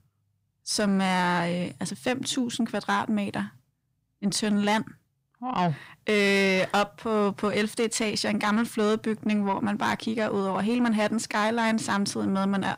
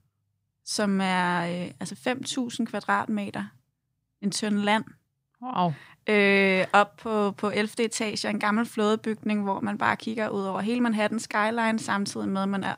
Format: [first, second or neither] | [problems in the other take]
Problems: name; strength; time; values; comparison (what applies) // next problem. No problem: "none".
second | distortion; slight; 10 dB below the speech